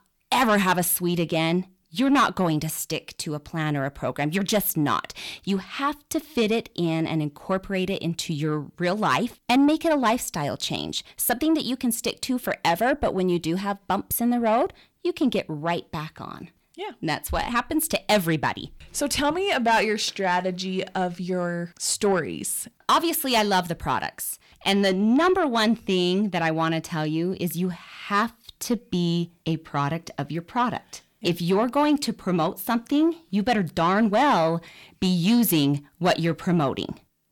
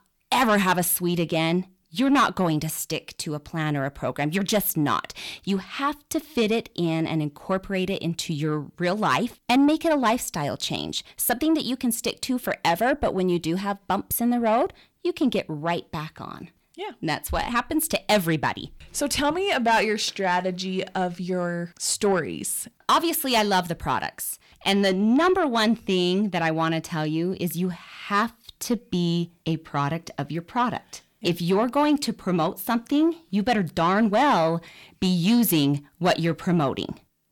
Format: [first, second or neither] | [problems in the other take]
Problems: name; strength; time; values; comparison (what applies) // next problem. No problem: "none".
neither | distortion; slight; 10 dB below the speech; the same in both